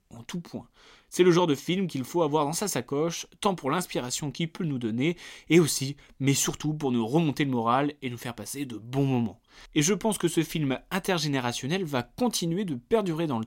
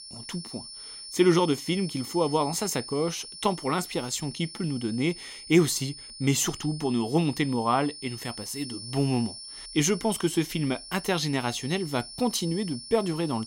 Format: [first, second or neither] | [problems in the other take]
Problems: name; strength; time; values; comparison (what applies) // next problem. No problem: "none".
first | high-pitched whine; noticeable; throughout; 5.5 kHz, 10 dB below the speech